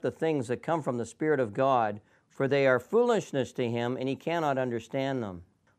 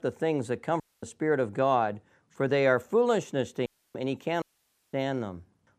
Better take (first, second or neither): first